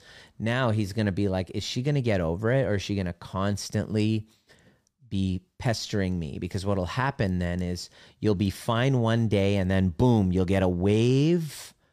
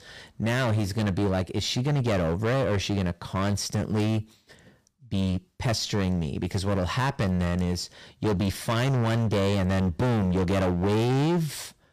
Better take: first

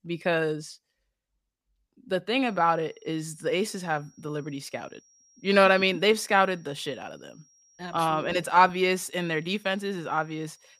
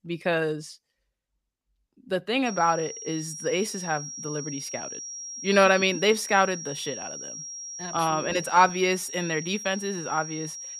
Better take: first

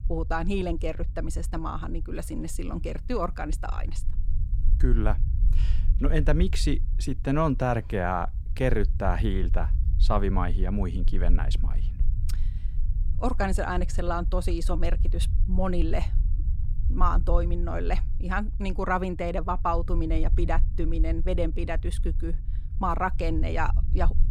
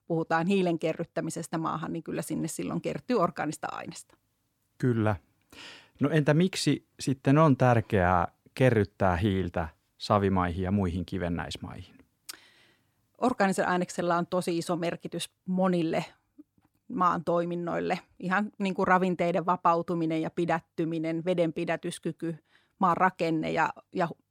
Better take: second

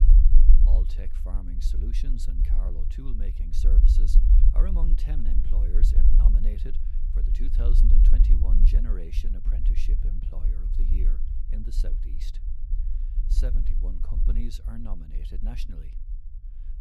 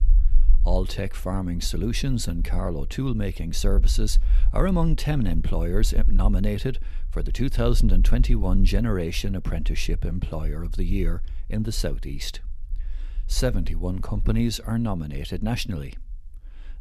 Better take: second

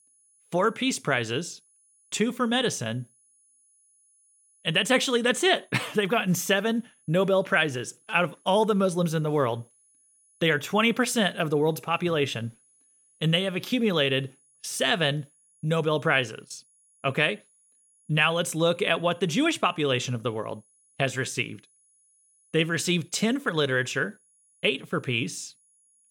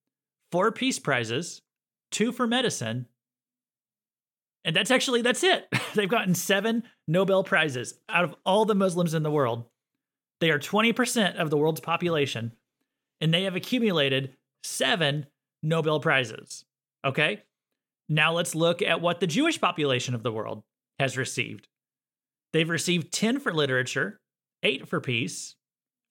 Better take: second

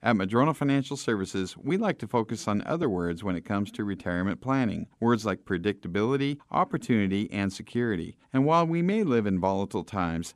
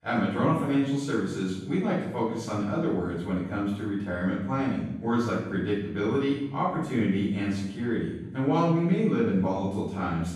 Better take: first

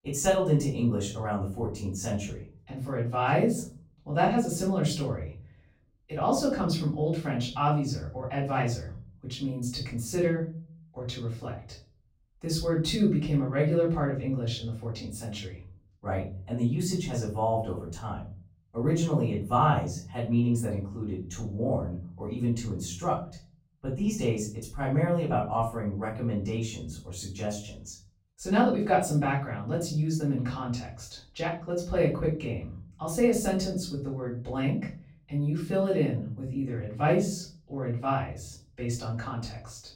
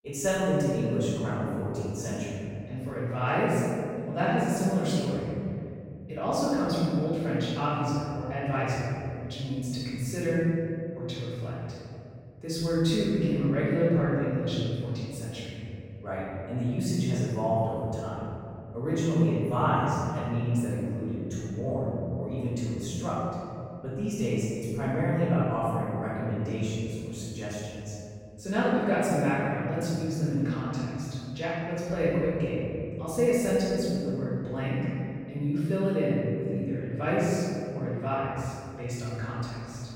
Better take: first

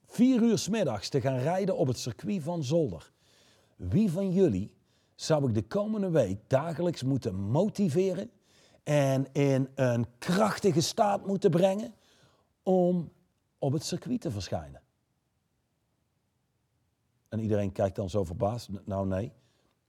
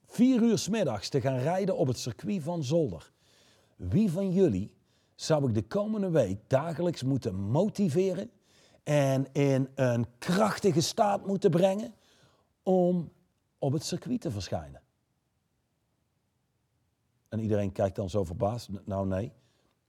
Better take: neither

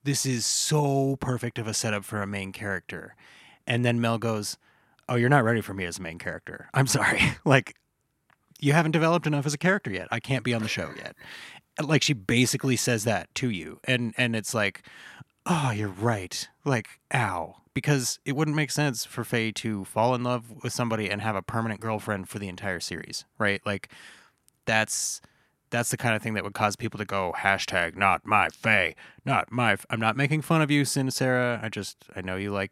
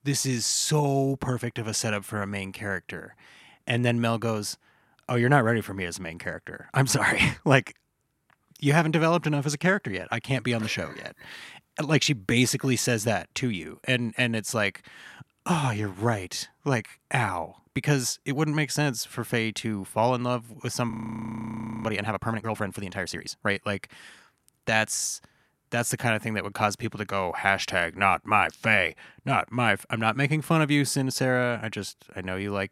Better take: first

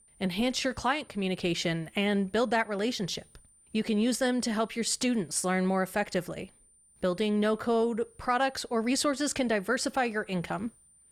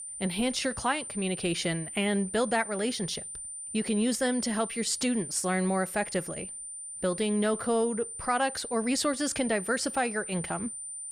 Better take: first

